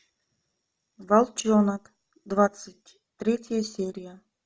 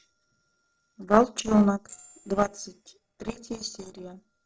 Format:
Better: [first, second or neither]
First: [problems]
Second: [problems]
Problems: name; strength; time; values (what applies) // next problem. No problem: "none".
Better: first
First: none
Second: noise reduction (neural separator model SepFormer DNS4)